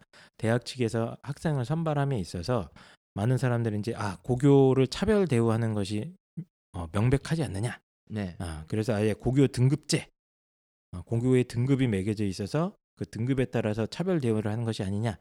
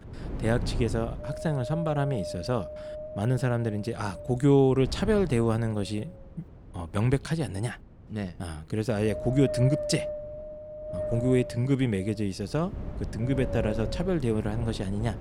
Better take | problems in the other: first | wind noise on the microphone; heavy; 6 dB below the speech

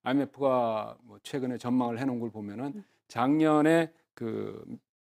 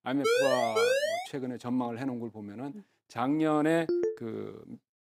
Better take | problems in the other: first | siren; loud; until 1.5 s; peak 6 dB above the speech // phone ringing; loud; at 4 s; peak 1 dB above the speech

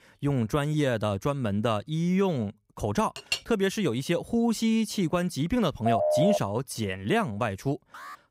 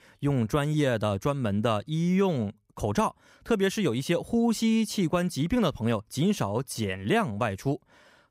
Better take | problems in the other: second | clattering dishes; noticeable; at 3 s; peak 3 dB below the speech // phone ringing; loud; at 6 s; peak 3 dB above the speech // alarm; faint; at 8 s; peak 15 dB below the speech

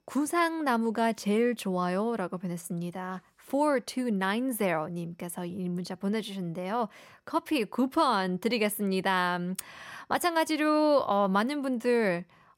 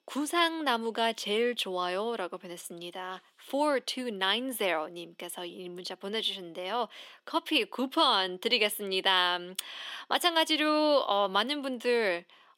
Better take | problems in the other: first | thin; very slightly; fading below 300 Hz

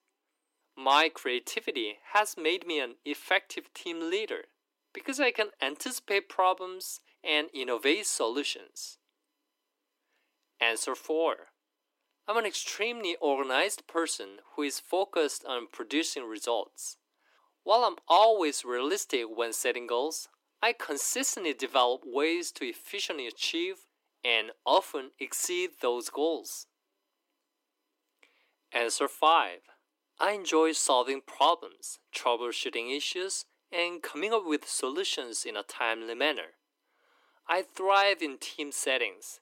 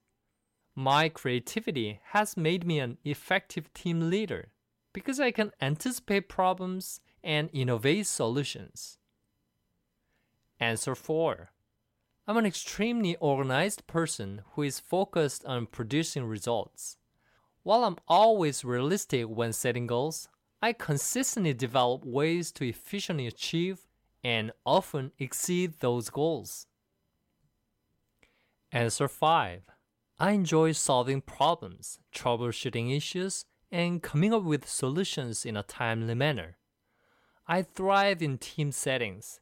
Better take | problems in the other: second | thin; somewhat; fading below 300 Hz

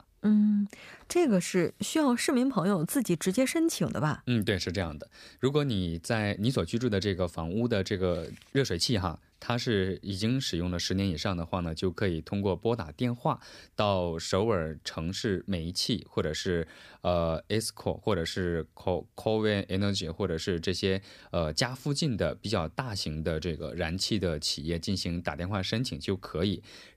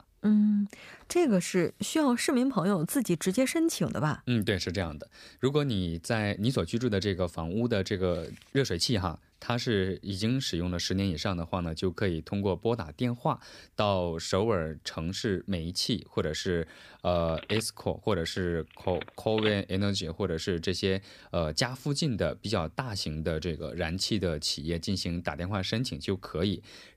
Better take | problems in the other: first | phone ringing; noticeable; from 17 to 20 s; peak 6 dB below the speech

